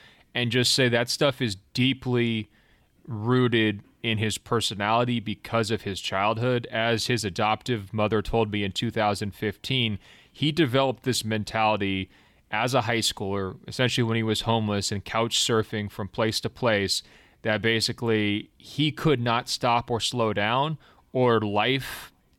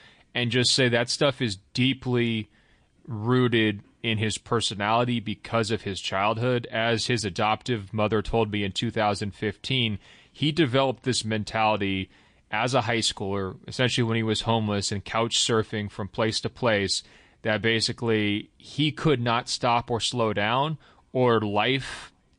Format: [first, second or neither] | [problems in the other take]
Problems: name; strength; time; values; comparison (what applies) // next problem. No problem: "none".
first | garbled, watery; slightly; nothing above 9 kHz